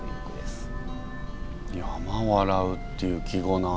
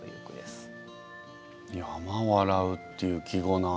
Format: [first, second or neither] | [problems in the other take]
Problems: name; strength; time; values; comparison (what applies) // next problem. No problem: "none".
second | background sound (Train / Breathing); 4 dB below the speech